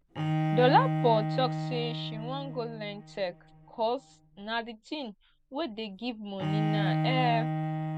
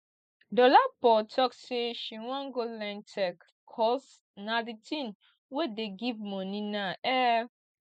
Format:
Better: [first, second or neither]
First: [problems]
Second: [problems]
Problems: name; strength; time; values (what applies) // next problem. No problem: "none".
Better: second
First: background sound (Bowed string instrument); 1 dB below the speech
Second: none